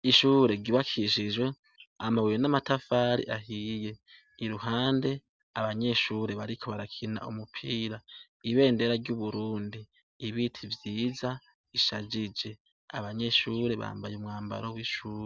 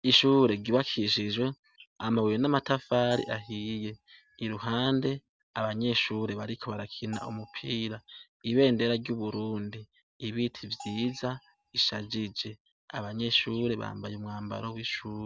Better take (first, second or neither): first